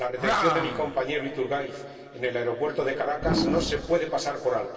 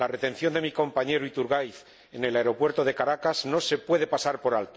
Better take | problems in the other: second | background sound (Animal); 4 dB below the speech // room echo; dies away in 2.9 s

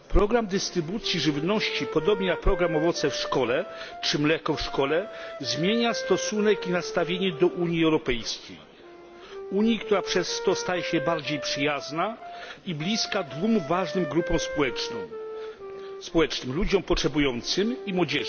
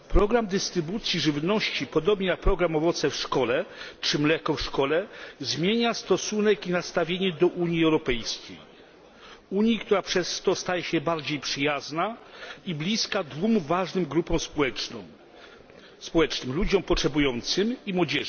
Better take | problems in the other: second | background sound (Wind instrument, woodwind instrument); 11 dB below the speech

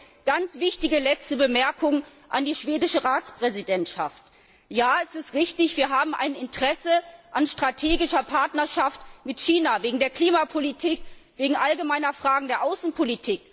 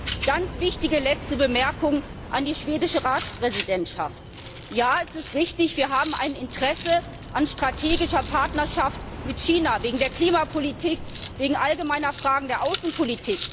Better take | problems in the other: first | background sound (Rattle + Aircraft); 11 dB below the speech

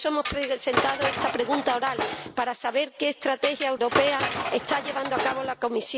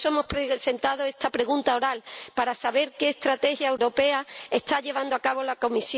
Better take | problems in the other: second | background sound (Tools); 3 dB below the speech

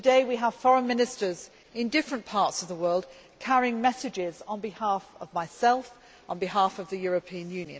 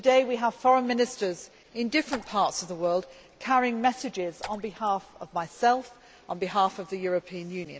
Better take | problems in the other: first | background sound (Raindrop / Splash, splatter); 19 dB below the speech

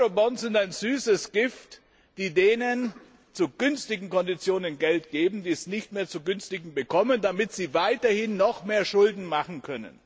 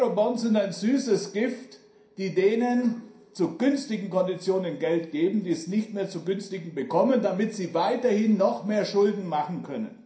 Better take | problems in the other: first | room echo; dies away in 0.5 s

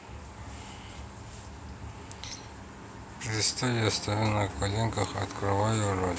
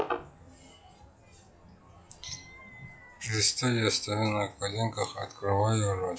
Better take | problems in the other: first | noise reduction (classical method log-MMSE)

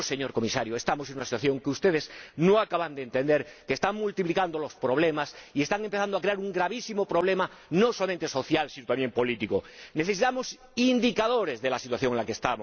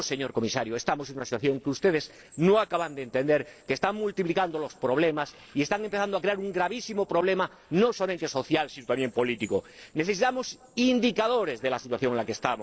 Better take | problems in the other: first | noise reduction (neural separator model SepFormer DNS4)

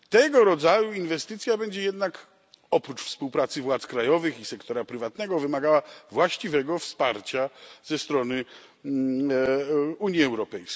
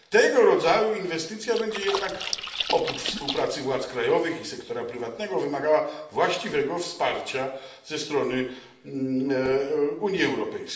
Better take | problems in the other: first | background sound (Splash, splatter); 9 dB below the speech // room echo; dies away in 0.8 s

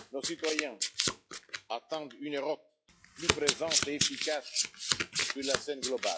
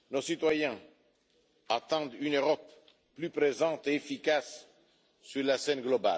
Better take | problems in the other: second | noise reduction (classical method log-MMSE)

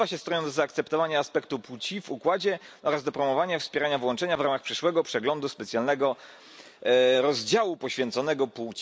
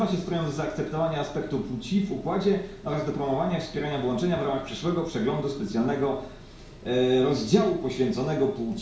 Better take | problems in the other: first | background sound (Mechanical fan); 19 dB below the speech // room echo; dies away in 0.6 s

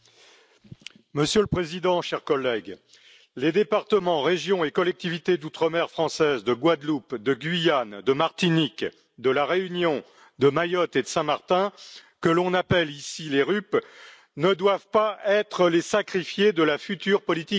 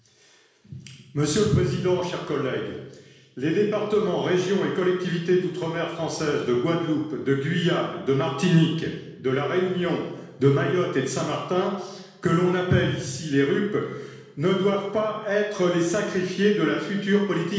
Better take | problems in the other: first | room echo; dies away in 1.1 s

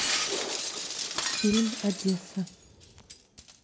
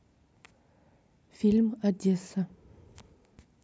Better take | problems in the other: second | background sound (Shatter); 1 dB below the speech

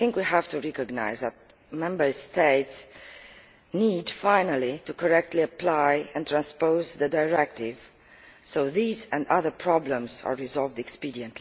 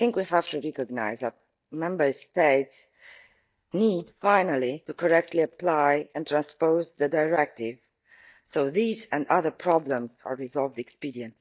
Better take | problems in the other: first | noise reduction (neural mask model DeepFilterNet 3)

